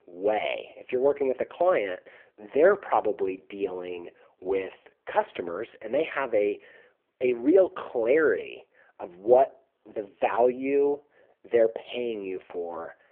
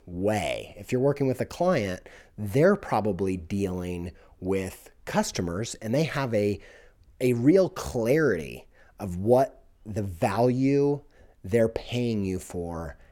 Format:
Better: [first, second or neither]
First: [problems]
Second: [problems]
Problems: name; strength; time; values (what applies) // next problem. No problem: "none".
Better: second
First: phone-call audio; poor line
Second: none